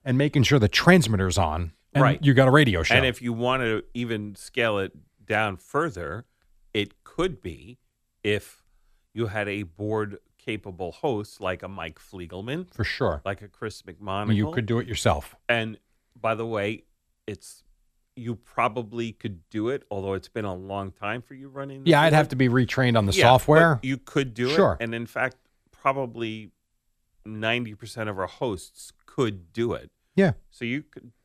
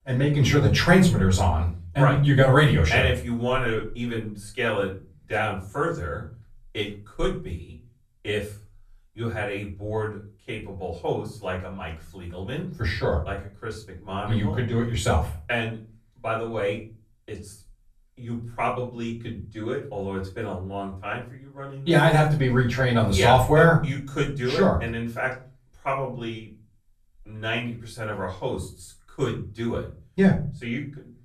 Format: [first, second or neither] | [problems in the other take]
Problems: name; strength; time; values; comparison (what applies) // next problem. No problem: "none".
first | room echo; slight; dies away in 0.4 s // off-mic speech; far